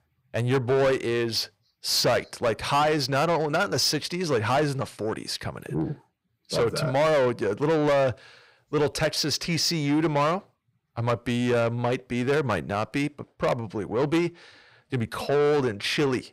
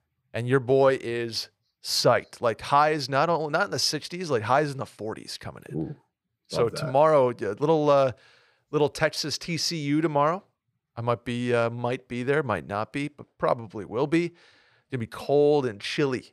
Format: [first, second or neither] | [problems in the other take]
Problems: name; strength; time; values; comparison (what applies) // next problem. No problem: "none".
second | distortion; heavy; 8 dB below the speech